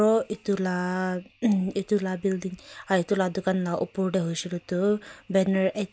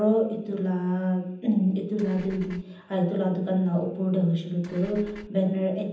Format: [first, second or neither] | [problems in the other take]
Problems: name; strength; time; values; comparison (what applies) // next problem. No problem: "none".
first | background sound (Engine / Car); 19 dB below the speech // room echo; dies away in 0.8 s